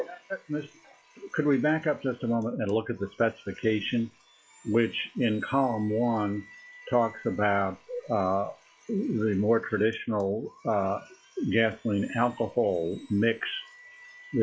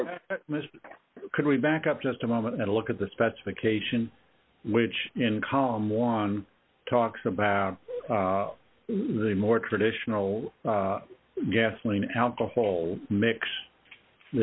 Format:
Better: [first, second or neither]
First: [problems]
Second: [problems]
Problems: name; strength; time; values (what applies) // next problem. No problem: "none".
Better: second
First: noise reduction (classical method log-MMSE)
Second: none